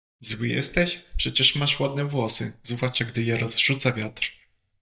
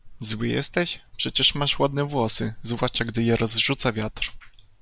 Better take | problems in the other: second | noise reduction (neural mask model DeepFilterNet 3)

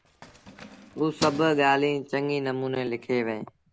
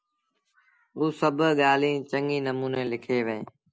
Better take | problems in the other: second | background sound (Keys jangling); 15 dB below the speech

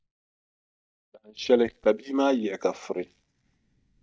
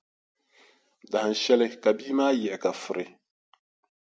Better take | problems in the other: second | noise reduction (neural mask model DeepFilterNet 3)

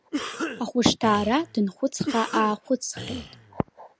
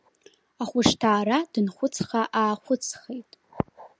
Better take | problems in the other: second | background sound (Cough); 9 dB below the speech

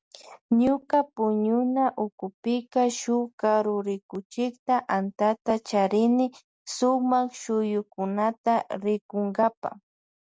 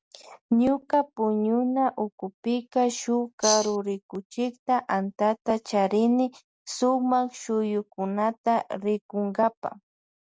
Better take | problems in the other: first | background sound (Tambourine); 2 dB below the speech

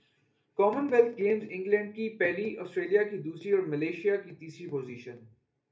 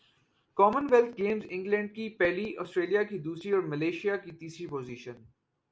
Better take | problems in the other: second | room echo; dies away in 0.3 s

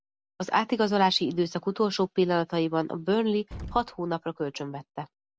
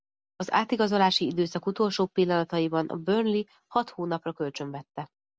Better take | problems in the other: second | background sound (Explosion); 15 dB below the speech

